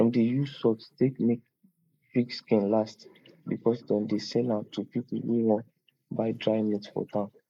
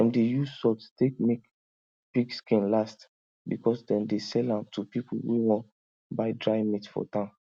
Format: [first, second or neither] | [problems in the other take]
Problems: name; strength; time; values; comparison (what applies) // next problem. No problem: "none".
second | noise reduction (neural mask model Resemble Enhance denoiser)